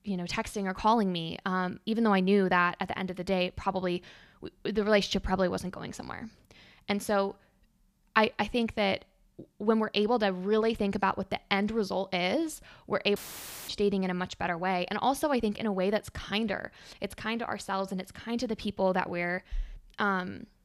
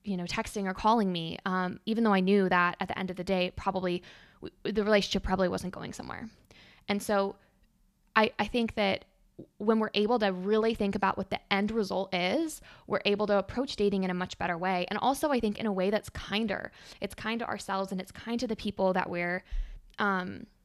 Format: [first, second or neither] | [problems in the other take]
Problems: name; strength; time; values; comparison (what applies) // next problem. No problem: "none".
second | audio cutting out; filled with static; at 13 s for 0.5 s